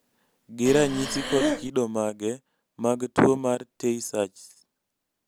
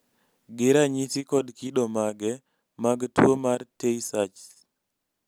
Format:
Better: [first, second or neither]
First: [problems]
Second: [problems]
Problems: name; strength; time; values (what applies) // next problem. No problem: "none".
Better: second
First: background sound (Breathing); 3 dB below the speech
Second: none